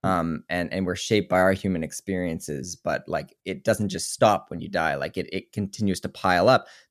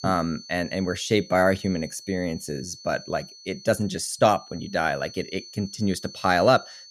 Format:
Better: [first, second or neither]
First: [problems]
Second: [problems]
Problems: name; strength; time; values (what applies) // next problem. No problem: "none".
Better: first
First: none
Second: high-pitched whine; noticeable; throughout; 4.5 kHz, 15 dB below the speech